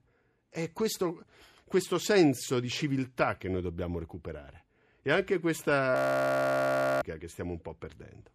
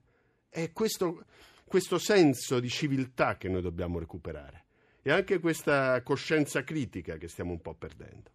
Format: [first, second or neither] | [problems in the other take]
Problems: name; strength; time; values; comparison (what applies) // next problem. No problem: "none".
second | audio freezing; at 6 s for 1 s